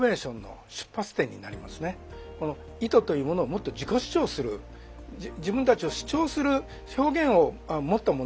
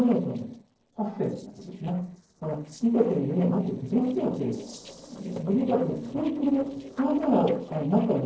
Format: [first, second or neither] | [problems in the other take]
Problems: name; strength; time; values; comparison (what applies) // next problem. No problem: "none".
first | noise reduction (neural separator model SepFormer DNS4)